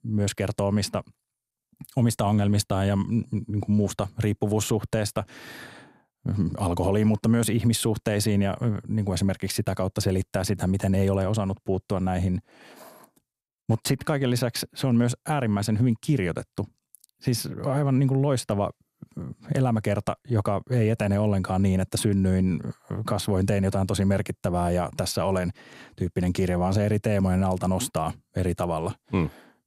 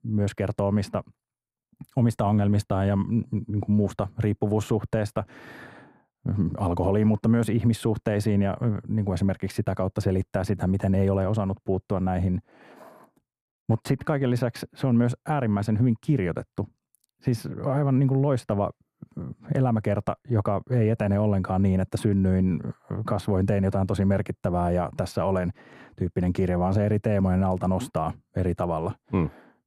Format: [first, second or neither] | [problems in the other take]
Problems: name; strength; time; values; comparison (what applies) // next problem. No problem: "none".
first | muffled; slightly; fading above 2.5 kHz